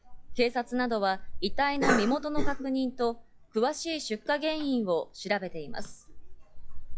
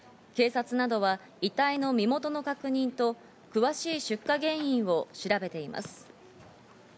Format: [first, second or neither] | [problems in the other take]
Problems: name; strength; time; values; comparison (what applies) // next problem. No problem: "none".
second | noise reduction (classical method log-MMSE)